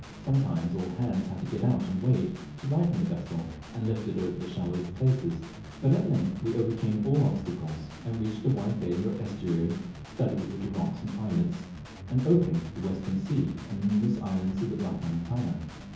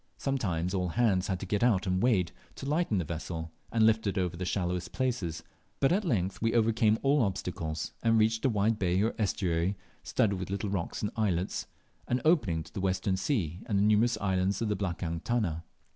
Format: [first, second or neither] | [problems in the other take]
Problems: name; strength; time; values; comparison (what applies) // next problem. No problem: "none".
second | background sound (Guitar); 14 dB below the speech // room echo; dies away in 0.7 s